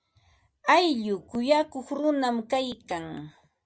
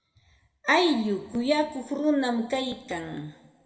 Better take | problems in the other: first | room echo; dies away in 1.7 s

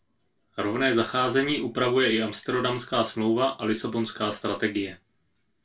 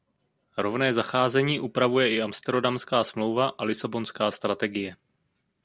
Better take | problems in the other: second | room echo; dies away in 0.2 s

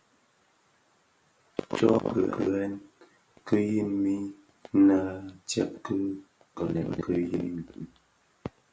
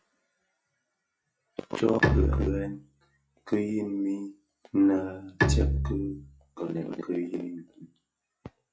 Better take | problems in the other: first | noise reduction (classical method log-MMSE)

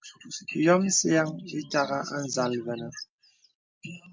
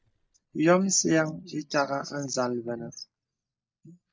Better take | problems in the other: first | noise reduction (neural mask model DeepFilterNet 3)

